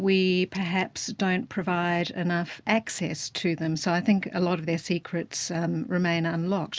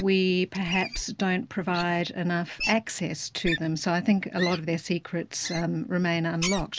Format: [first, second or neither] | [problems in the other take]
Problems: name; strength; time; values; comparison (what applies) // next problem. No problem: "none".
first | background sound (Wild animals); 11 dB below the speech